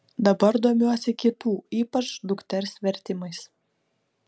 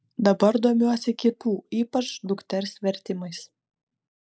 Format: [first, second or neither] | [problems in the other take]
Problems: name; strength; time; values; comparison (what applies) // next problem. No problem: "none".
first | noise reduction (neural mask model Resemble Enhance denoiser)